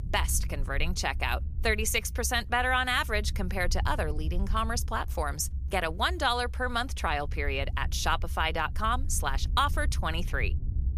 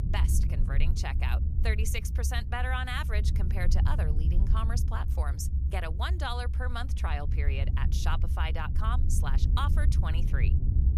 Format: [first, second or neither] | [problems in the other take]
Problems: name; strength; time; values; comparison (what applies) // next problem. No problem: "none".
first | low rumble; loud; throughout; 9 dB below the speech; faint in the first